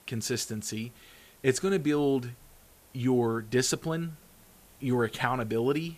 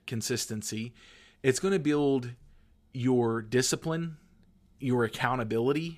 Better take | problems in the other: second | hiss; faint; throughout; 25 dB below the speech

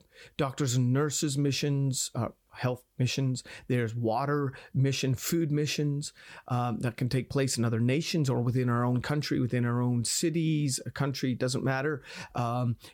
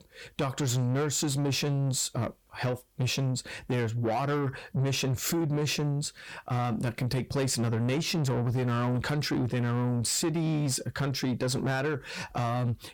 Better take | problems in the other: first | distortion; slight; 10 dB below the speech

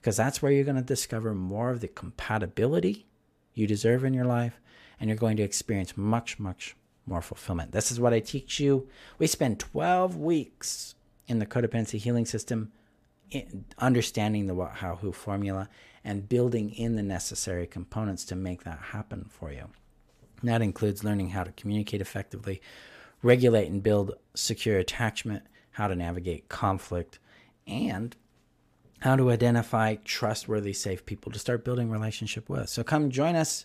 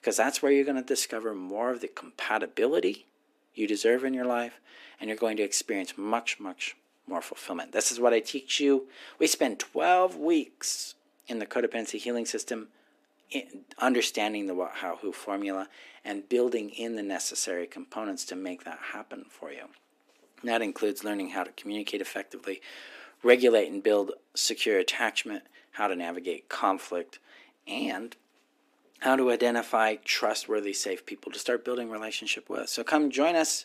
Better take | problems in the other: first | thin; somewhat; fading below 300 Hz

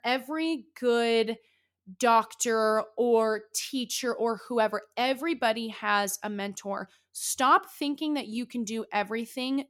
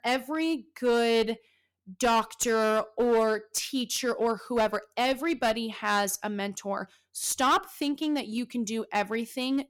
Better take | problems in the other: first | distortion; slight; 6% of the sound clipped

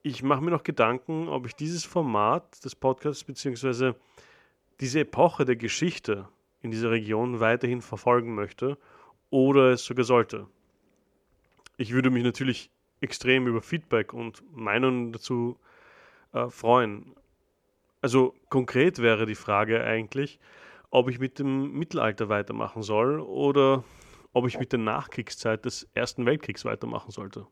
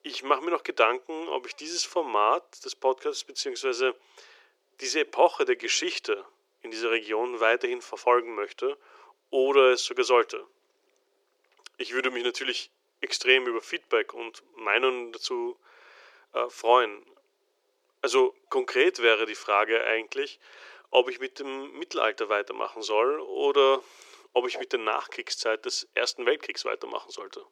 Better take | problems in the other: first | thin; very; fading below 350 Hz

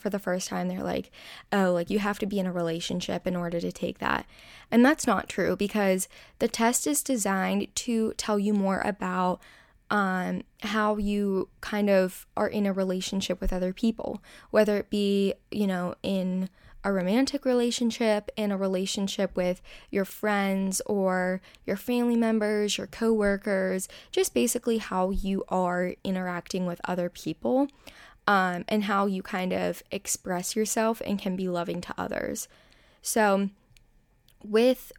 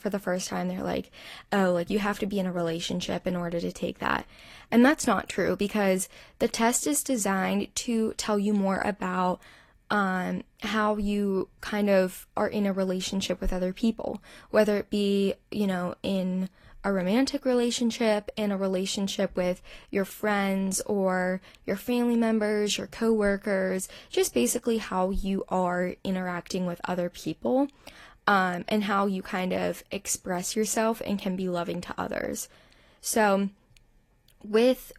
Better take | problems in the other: first | garbled, watery; slightly; nothing above 13 kHz

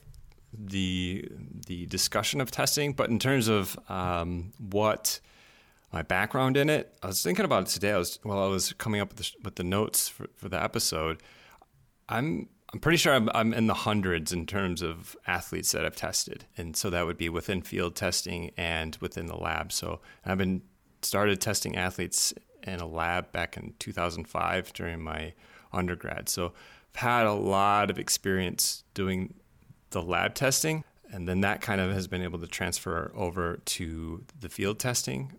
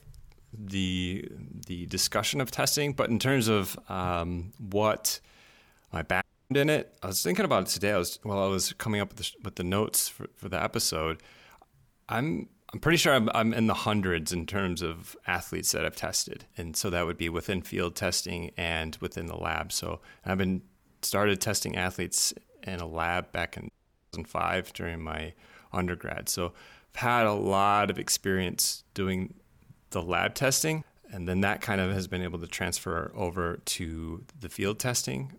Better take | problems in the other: first | audio cutting out; at 6 s and at 24 s

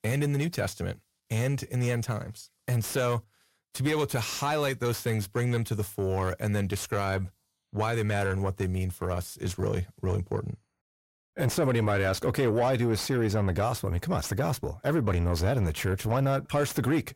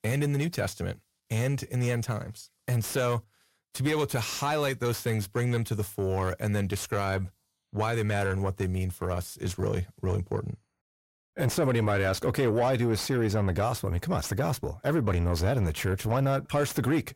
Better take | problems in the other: neither | distortion; slight; 10 dB below the speech; the same in both

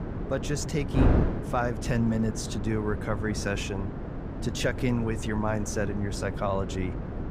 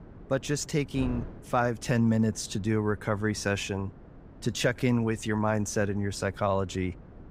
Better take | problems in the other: second | wind noise on the microphone; heavy; 6 dB below the speech; occasional gusts in the second

